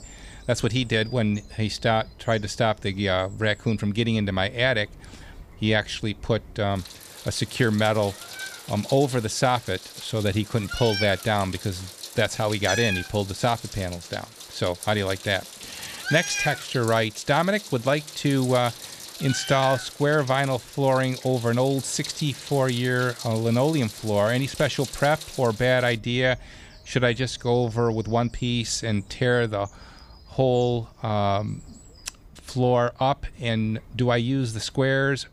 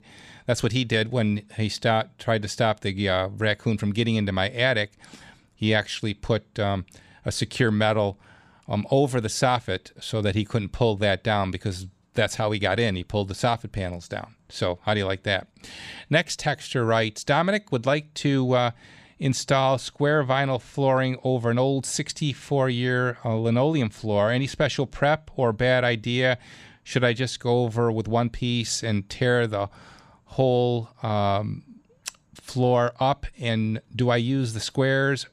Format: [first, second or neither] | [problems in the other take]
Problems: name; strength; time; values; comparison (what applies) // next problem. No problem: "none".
second | animal sounds; noticeable; throughout; 10 dB below the speech